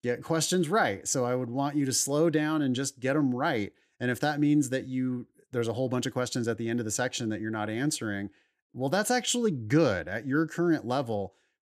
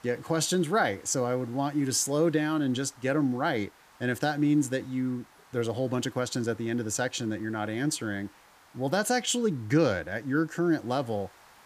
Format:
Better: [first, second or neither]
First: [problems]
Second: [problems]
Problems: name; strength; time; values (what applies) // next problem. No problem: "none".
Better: first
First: none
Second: hiss; faint; throughout; 25 dB below the speech